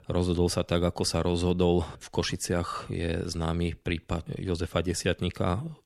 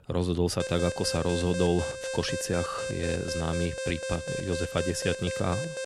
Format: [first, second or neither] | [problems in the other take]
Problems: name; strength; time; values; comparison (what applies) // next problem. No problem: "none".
first | alarm; noticeable; from 0.5 s on; peak 4 dB below the speech